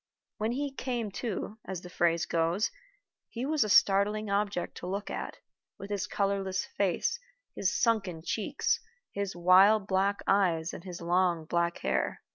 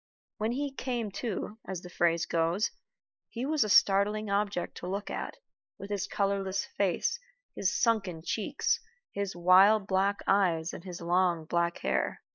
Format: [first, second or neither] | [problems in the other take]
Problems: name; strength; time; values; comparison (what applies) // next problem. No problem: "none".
first | noise reduction (neural mask model Resemble Enhance denoiser)